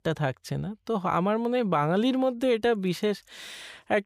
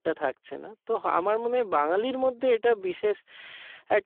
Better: first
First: none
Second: phone-call audio; poor line

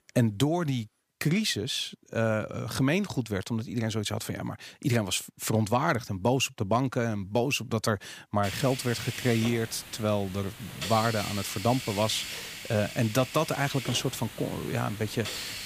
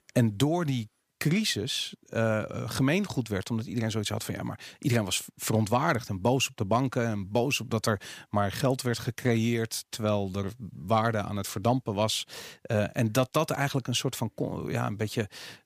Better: second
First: hiss; loud; from 8.5 s on; 9 dB below the speech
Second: none

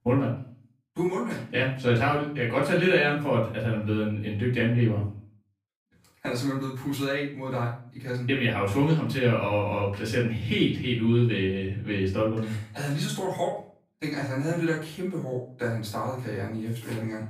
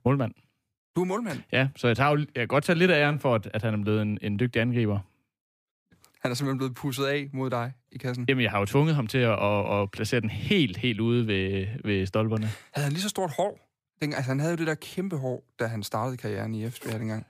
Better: second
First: room echo; noticeable; dies away in 0.4 s // off-mic speech; far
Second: none

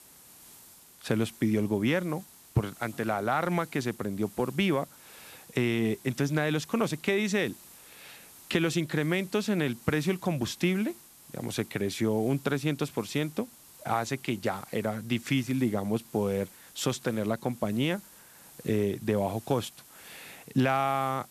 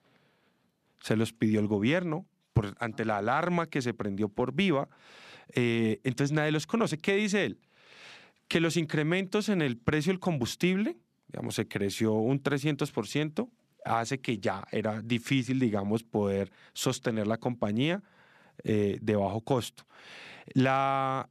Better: second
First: hiss; faint; throughout; 20 dB below the speech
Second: none

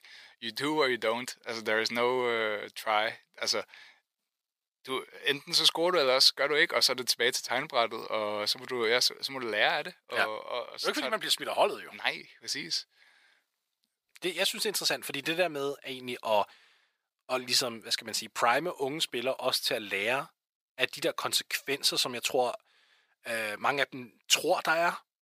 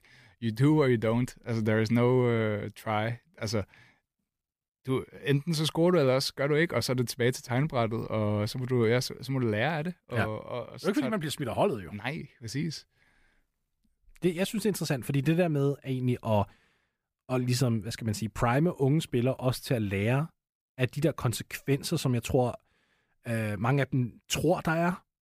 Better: second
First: thin; very; fading below 650 Hz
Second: none

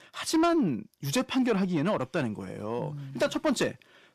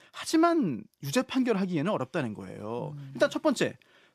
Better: second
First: distortion; slight; 10 dB below the speech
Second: none

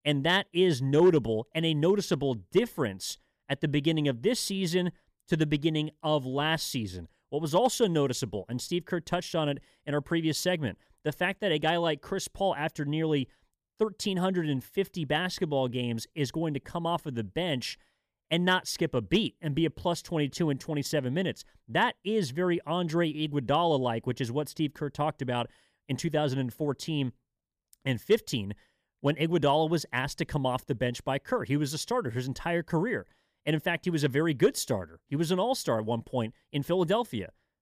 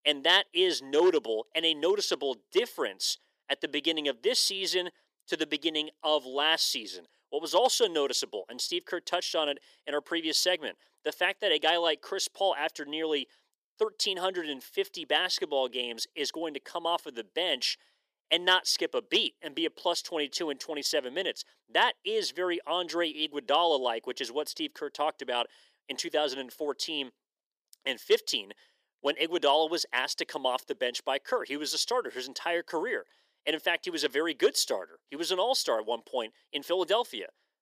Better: first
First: none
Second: thin; very; fading below 350 Hz

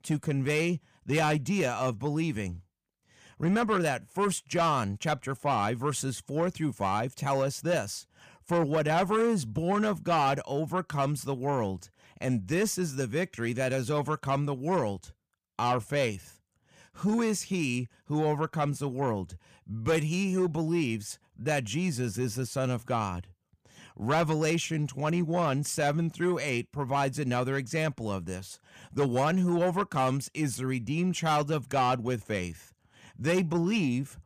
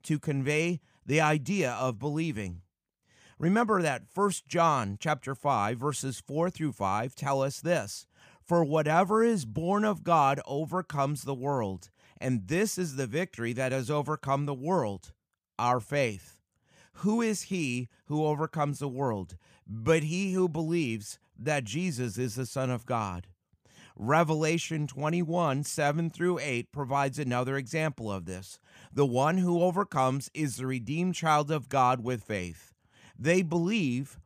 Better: second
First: distortion; slight; 10 dB below the speech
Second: none

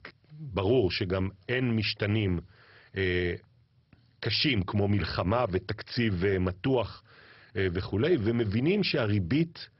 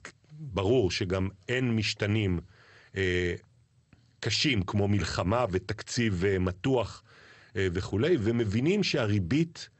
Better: second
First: garbled, watery; badly; nothing above 5.5 kHz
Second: garbled, watery; slightly; nothing above 8 kHz

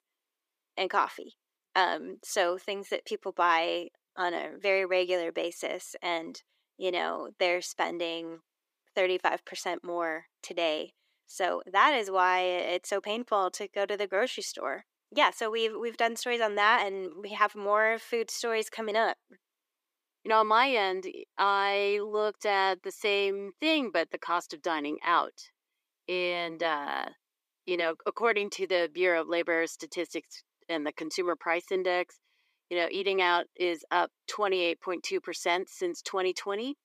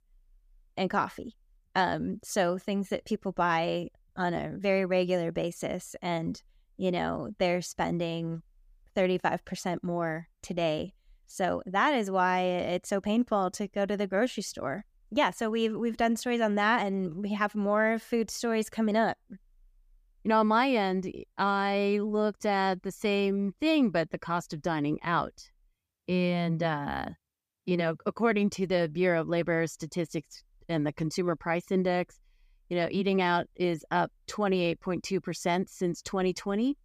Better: second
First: thin; very; fading below 350 Hz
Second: none

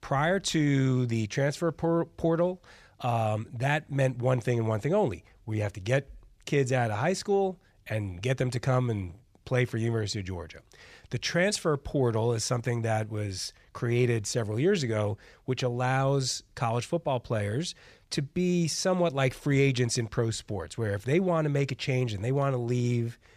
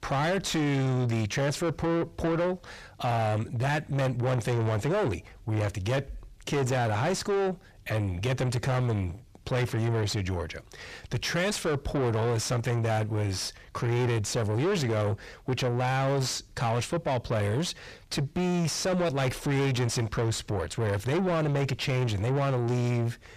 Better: first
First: none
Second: distortion; heavy; 6 dB below the speech

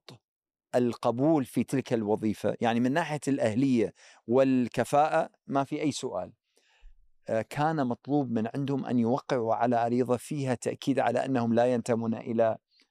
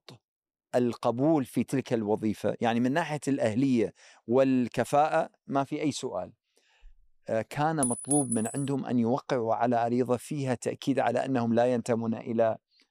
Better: first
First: none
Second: clattering dishes; noticeable; at 8 s; peak 1 dB below the speech

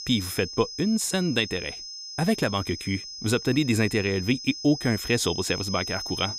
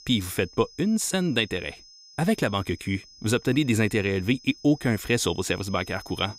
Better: second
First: high-pitched whine; loud; throughout; 5 kHz, 8 dB below the speech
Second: high-pitched whine; faint; throughout; 5 kHz, 20 dB below the speech

